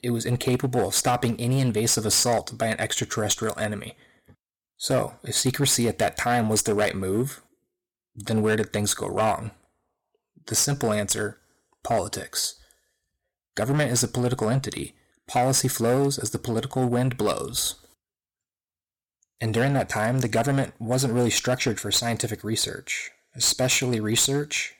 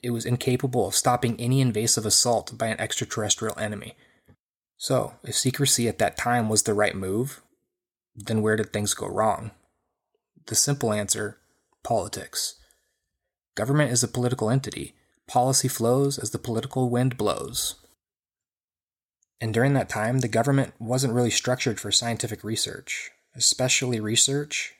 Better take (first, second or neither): second